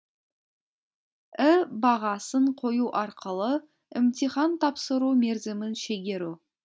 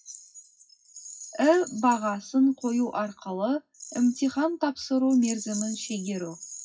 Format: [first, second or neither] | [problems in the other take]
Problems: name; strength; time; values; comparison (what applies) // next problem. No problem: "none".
first | noise reduction (classical method WPE with log-MMSE)